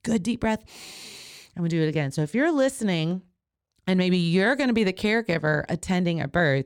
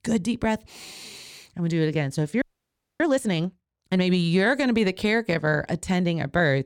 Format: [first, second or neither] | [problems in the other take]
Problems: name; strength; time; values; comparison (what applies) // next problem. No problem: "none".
first | audio freezing; at 2.5 s for 0.5 s